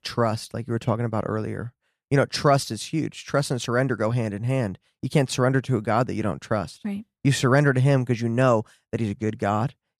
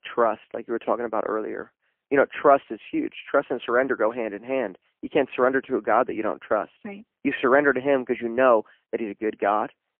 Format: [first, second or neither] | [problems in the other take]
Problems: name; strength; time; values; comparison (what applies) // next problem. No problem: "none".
first | phone-call audio; poor line; nothing above 3 kHz